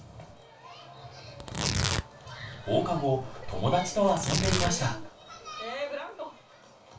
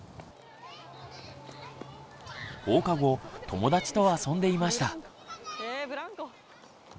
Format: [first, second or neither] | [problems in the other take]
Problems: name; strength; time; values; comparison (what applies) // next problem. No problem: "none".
second | background sound (Tearing); 2 dB below the speech // room echo; dies away in 0.3 s